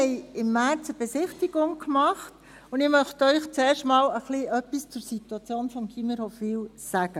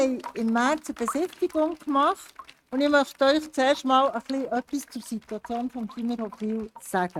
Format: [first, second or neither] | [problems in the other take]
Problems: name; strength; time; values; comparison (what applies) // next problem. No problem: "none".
first | noise reduction (neural mask model RNNoise)